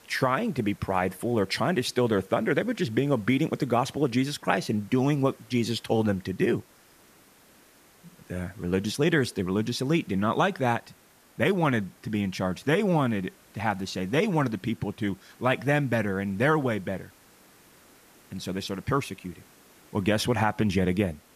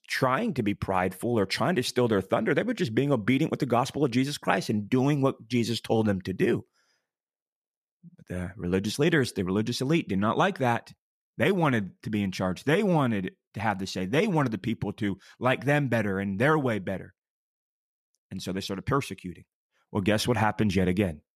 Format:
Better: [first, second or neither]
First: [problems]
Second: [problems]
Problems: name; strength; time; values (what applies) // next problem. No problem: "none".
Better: second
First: hiss; faint; throughout; 30 dB below the speech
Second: none